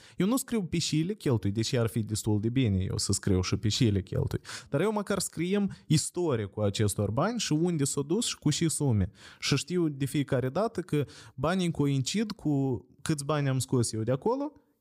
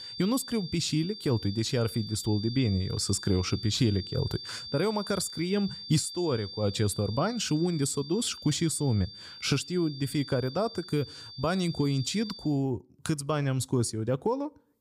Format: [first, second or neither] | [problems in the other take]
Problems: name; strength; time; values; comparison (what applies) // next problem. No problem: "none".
first | high-pitched whine; noticeable; until 12 s; 4.5 kHz, 10 dB below the speech